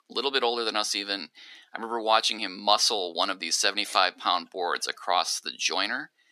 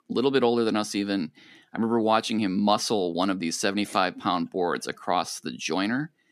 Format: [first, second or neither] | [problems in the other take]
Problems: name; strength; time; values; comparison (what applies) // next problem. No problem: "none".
second | thin; very; fading below 650 Hz